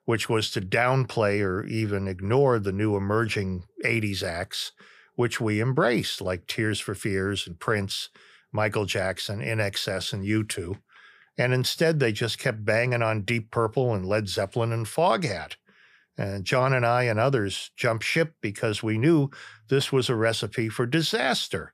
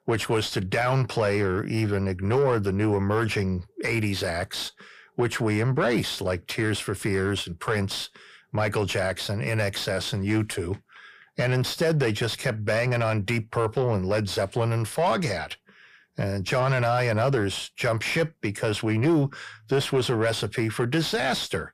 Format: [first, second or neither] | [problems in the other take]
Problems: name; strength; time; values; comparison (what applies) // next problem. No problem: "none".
first | distortion; slight; 10 dB below the speech